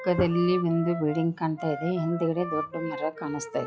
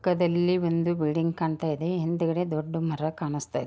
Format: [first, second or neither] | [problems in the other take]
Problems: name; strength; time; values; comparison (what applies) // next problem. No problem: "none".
second | noise reduction (classical method log-MMSE)